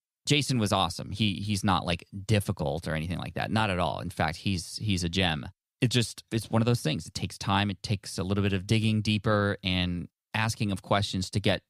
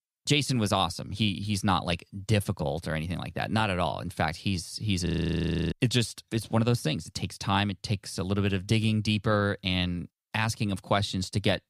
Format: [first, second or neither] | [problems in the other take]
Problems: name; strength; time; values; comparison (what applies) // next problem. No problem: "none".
first | audio freezing; at 5 s for 0.5 s